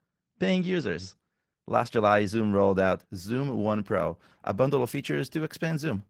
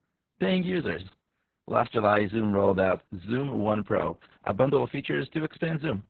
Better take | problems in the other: first | garbled, watery; badly; nothing above 4 kHz; slightly in the first

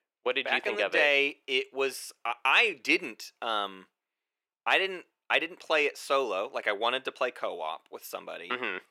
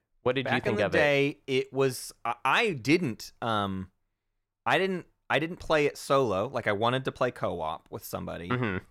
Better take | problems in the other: second | thin; somewhat; fading below 350 Hz

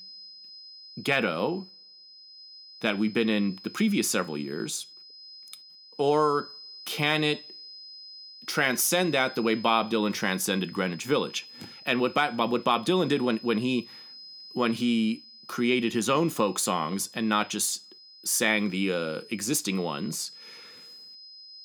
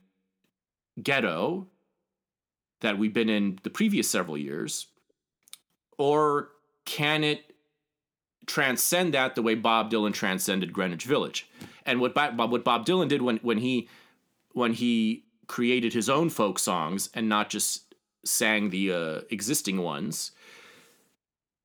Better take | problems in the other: second | high-pitched whine; noticeable; throughout; 5 kHz, 20 dB below the speech

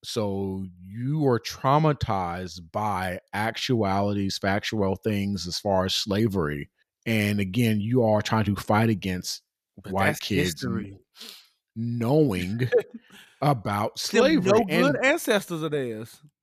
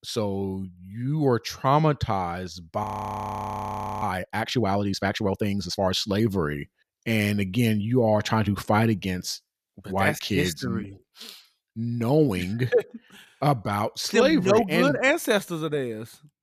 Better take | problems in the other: first | audio freezing; at 3 s for 1 s

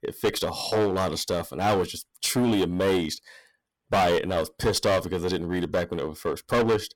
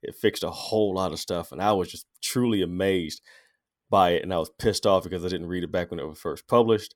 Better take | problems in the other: second | distortion; heavy; 11% of the sound clipped

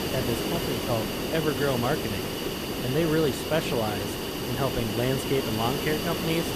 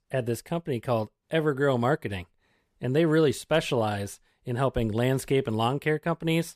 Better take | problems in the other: second | hiss; loud; throughout; 1 dB below the speech

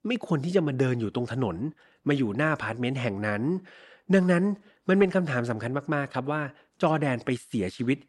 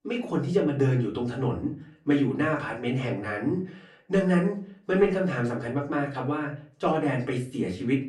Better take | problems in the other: first | off-mic speech; far // room echo; very slight; dies away in 0.3 s

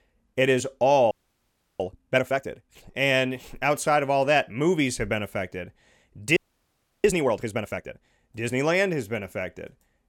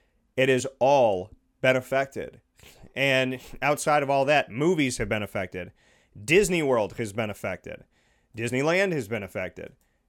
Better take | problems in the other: second | audio freezing; at 1 s for 0.5 s and at 6.5 s for 0.5 s

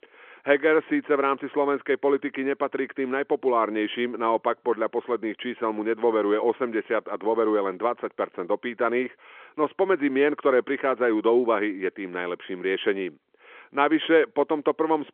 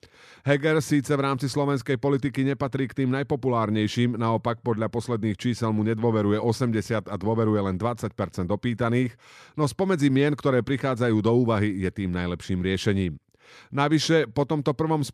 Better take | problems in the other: second | phone-call audio; nothing above 3.5 kHz

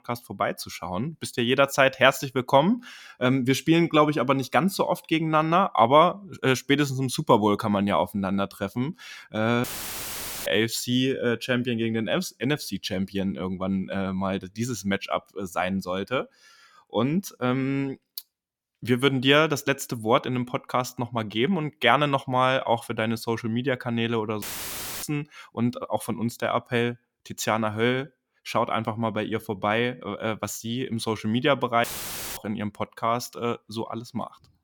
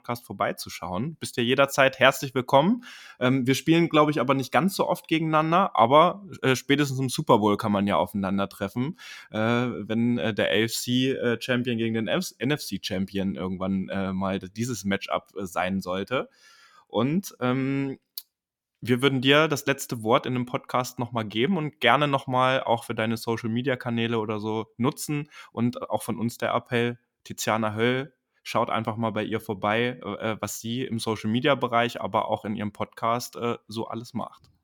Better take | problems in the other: second | audio cutting out; filled with static; at 9.5 s for 1 s, at 24 s for 0.5 s and at 32 s for 0.5 s

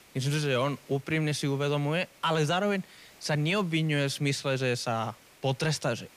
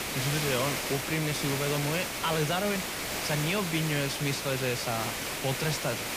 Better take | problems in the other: first | hiss; loud; throughout; 1 dB below the speech; faint in the first

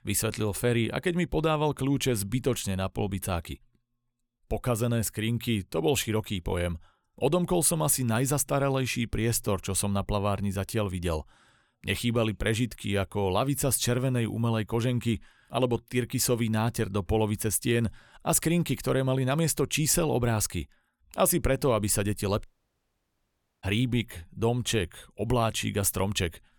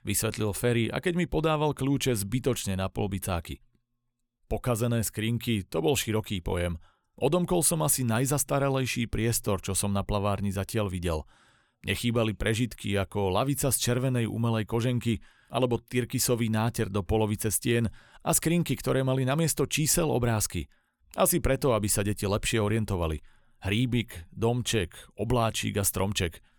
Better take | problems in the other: second | audio cutting out; at 22 s for 1 s

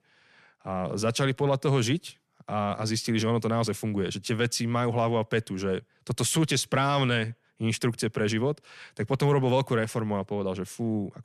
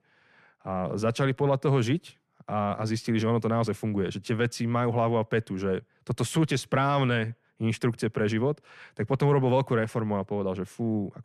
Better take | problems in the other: first | muffled; slightly; fading above 3 kHz

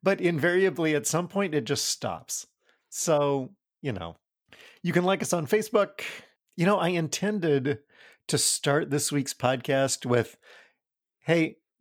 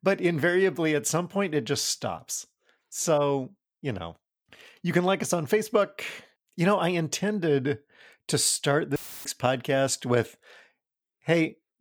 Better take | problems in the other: first | audio cutting out; filled with static; at 9 s

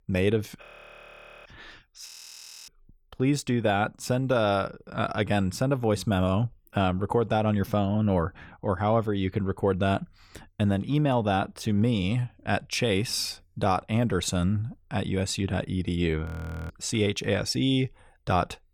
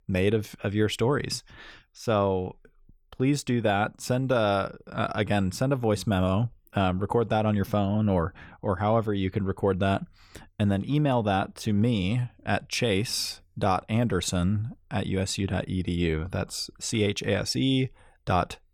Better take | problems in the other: second | audio freezing; at 0.5 s for 1 s, at 2 s for 0.5 s and at 16 s

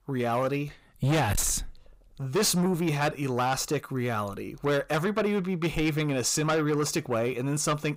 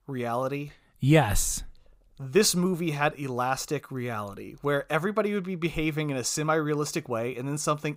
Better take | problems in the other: second | distortion; heavy; 7 dB below the speech

